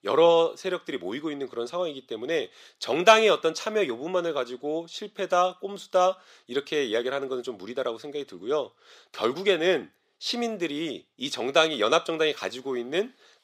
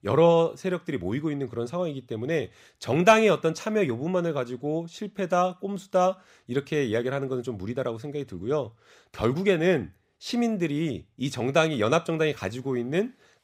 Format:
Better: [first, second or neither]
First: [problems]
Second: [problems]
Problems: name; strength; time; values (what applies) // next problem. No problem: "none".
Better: second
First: thin; somewhat; fading below 400 Hz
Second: none